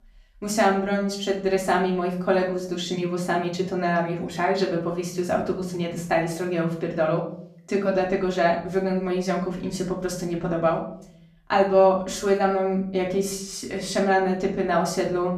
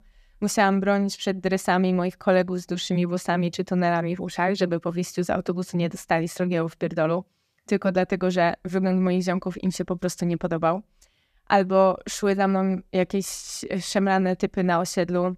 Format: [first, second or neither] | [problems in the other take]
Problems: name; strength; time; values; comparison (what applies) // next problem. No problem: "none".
second | off-mic speech; far // room echo; slight; dies away in 0.5 s